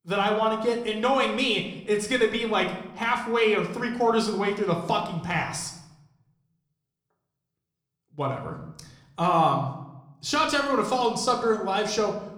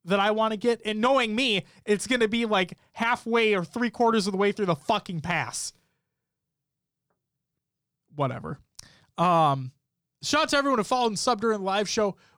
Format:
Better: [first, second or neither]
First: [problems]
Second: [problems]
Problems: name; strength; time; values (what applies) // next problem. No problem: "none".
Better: second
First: room echo; slight; dies away in 0.7 s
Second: none